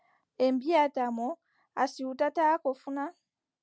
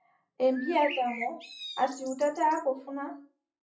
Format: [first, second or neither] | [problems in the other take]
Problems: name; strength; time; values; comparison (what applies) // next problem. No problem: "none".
first | noise reduction (classical method WPE with log-MMSE)